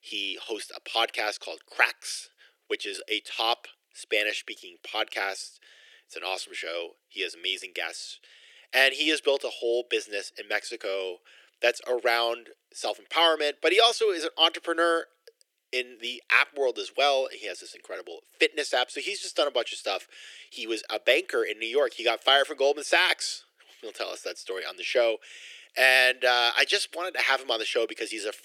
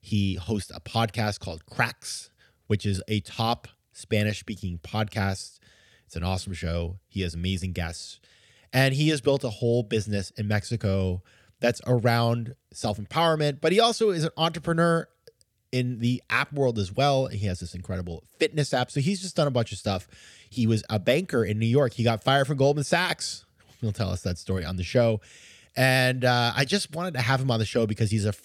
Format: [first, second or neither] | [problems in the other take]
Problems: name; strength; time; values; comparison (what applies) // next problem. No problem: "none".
second | thin; very; fading below 350 Hz